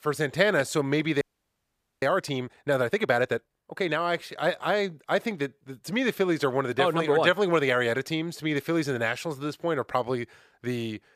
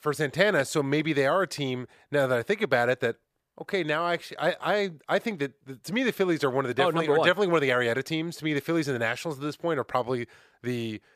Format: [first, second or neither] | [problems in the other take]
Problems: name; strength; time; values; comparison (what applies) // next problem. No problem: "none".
second | audio freezing; at 1 s for 1 s